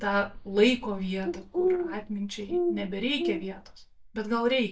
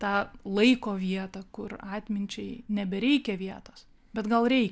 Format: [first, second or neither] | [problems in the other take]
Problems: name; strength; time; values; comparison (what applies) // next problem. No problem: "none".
second | noise reduction (neural mask model DeepFilterNet 3)